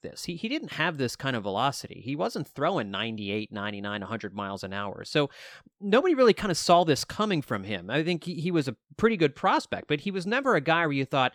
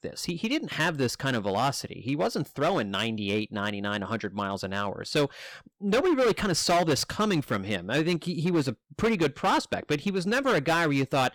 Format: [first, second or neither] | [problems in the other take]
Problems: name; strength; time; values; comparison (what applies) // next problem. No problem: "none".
first | distortion; heavy; 9% of the sound clipped